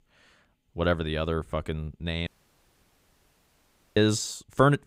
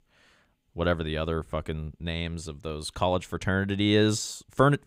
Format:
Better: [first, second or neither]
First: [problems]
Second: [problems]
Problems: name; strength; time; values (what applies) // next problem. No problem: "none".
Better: second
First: audio cutting out; at 2.5 s for 1.5 s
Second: none